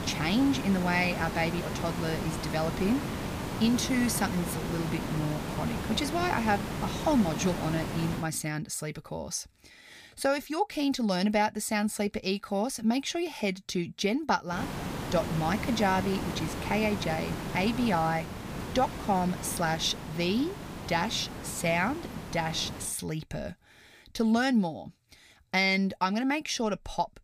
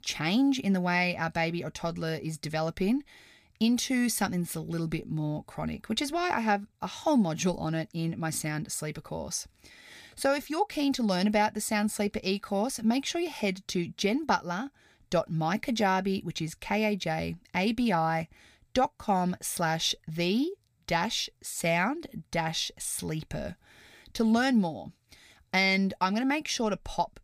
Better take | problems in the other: second | hiss; loud; until 8 s and from 15 to 23 s; 6 dB below the speech

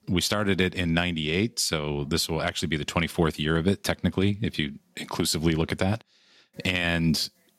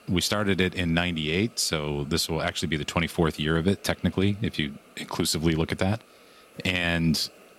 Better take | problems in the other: first | hiss; faint; throughout; 25 dB below the speech

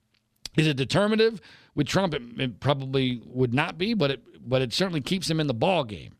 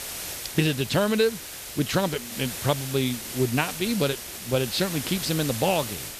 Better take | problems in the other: first | hiss; loud; throughout; 7 dB below the speech

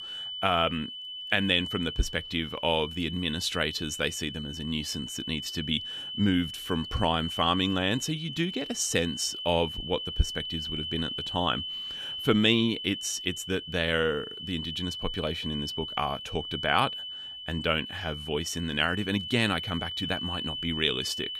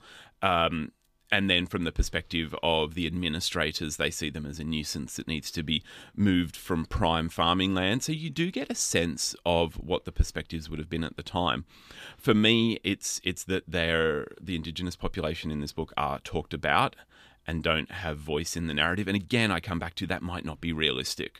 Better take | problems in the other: second | high-pitched whine; loud; throughout; 3 kHz, 6 dB below the speech

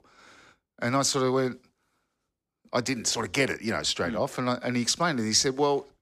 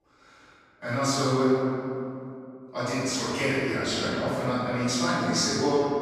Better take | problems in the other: first | off-mic speech; far // room echo; strong; dies away in 2.5 s

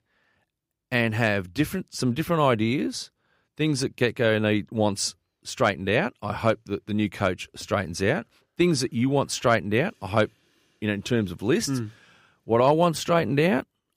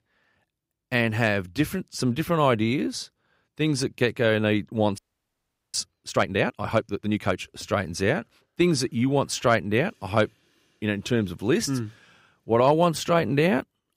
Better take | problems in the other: first | audio freezing; at 5 s for 1 s

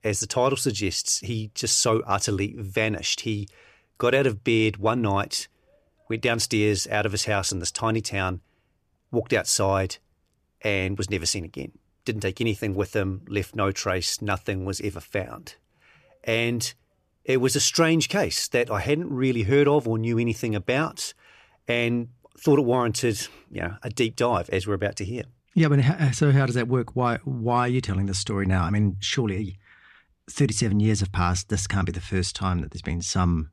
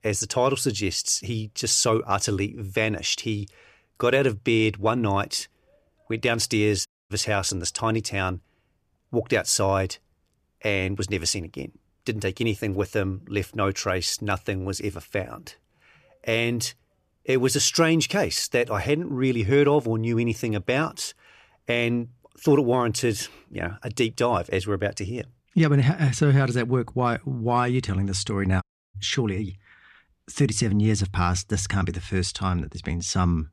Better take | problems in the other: first | audio cutting out; at 7 s and at 29 s

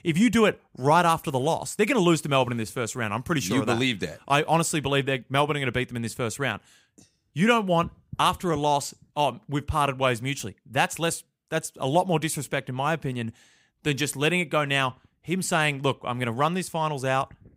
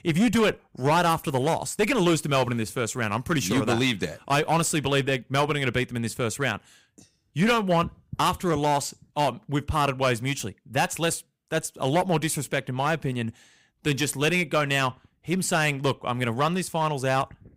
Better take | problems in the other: first | distortion; slight; 7% of the sound clipped

